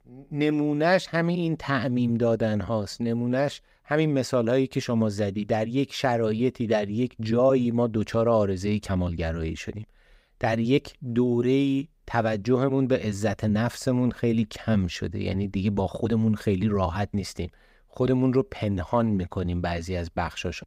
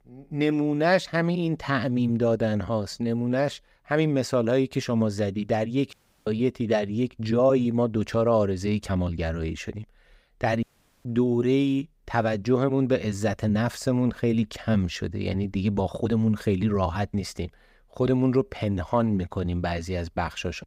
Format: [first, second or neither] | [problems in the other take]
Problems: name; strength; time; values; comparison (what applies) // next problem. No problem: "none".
first | audio cutting out; at 6 s and at 11 s